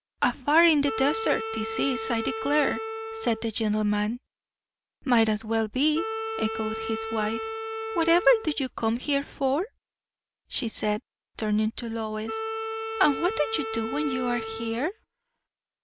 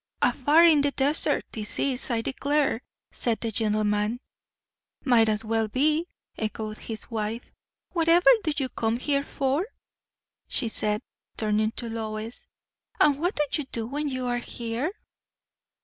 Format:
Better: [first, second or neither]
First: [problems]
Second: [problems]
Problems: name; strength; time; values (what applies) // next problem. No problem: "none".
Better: second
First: background sound (Wind instrument, woodwind instrument); 6 dB below the speech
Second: none